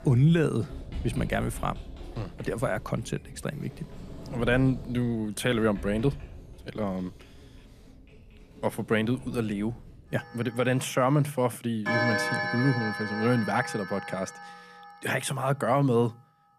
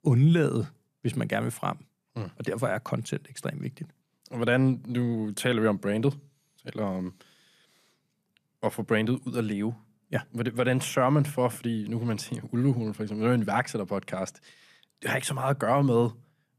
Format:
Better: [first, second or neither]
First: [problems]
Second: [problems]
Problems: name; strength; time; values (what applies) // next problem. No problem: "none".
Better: second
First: household noises; loud; throughout; 8 dB below the speech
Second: none